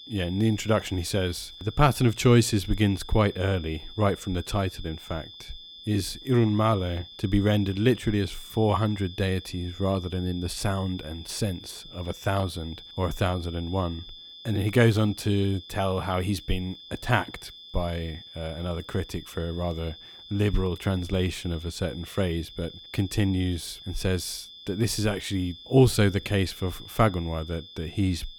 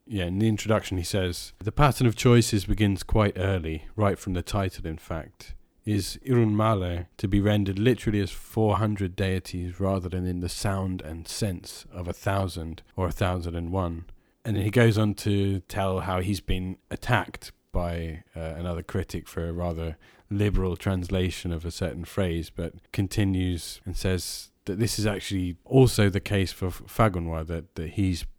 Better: second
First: high-pitched whine; noticeable; throughout; 3.5 kHz, 15 dB below the speech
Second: none

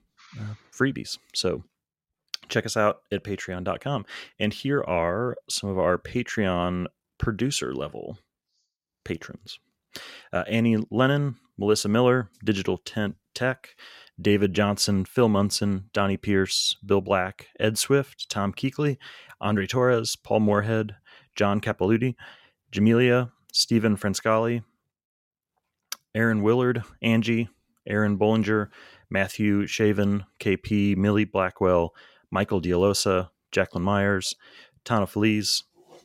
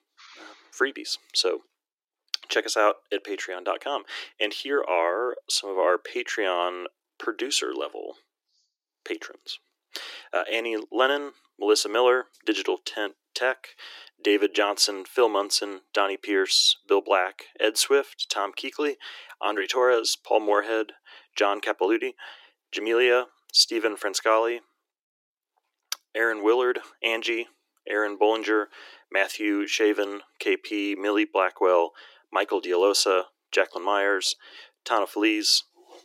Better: first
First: none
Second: thin; very; fading below 300 Hz

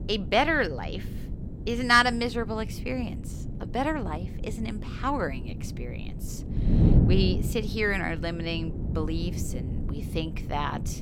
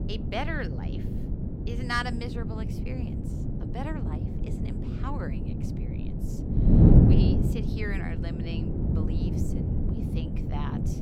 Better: first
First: wind noise on the microphone; occasional gusts; 15 dB below the speech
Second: wind noise on the microphone; heavy; as loud as the speech

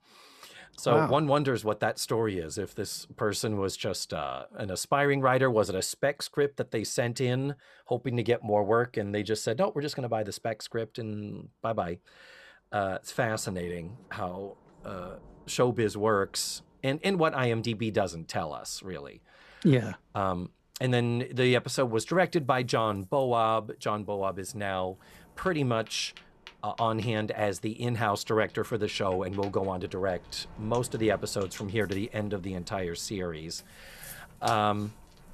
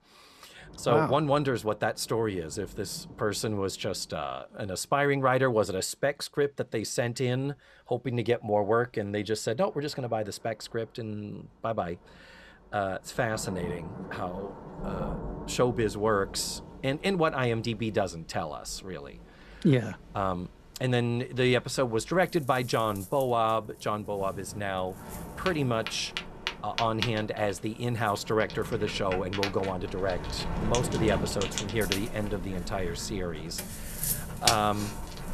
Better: first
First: rain or running water; faint; throughout; 20 dB below the speech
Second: rain or running water; loud; throughout; 7 dB below the speech

